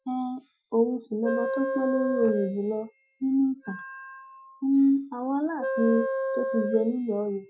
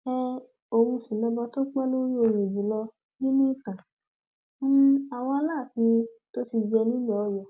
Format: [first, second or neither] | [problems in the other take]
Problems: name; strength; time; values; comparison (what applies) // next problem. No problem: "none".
second | noise reduction (classical method Wiener filter)